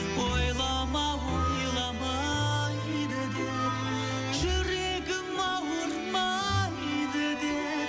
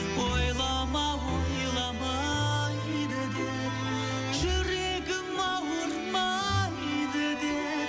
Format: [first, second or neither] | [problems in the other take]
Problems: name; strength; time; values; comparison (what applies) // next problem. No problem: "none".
second | background sound (Screech / Glass); 11 dB below the speech